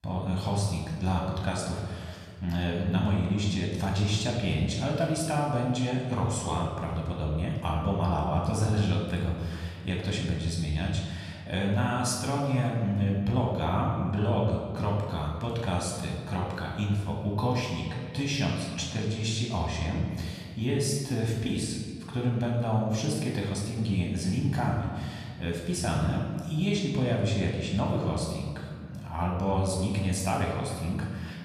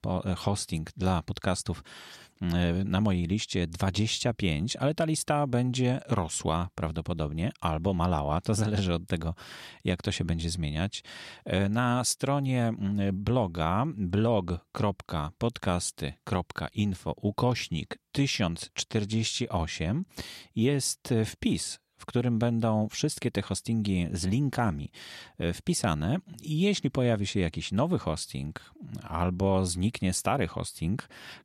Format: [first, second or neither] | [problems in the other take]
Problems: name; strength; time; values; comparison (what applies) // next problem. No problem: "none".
second | off-mic speech; far // room echo; noticeable; dies away in 1.6 s